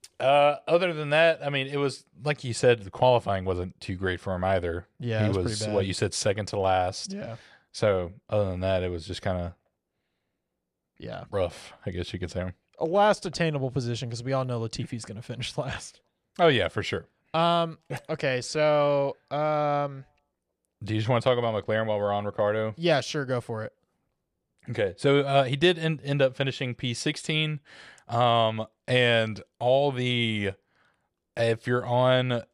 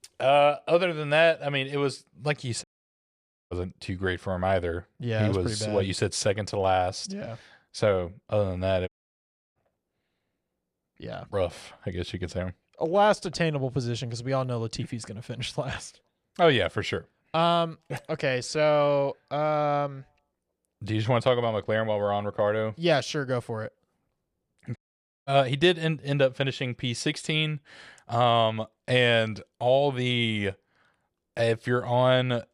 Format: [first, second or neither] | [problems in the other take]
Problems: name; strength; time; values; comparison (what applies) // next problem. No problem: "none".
first | audio cutting out; at 2.5 s for 1 s, at 9 s for 0.5 s and at 25 s for 0.5 s